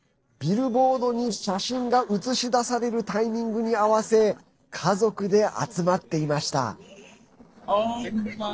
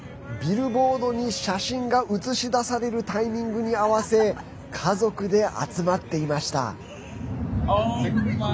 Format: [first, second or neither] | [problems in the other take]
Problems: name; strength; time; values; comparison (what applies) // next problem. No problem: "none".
second | noise reduction (neural separator model SepFormer DNS4)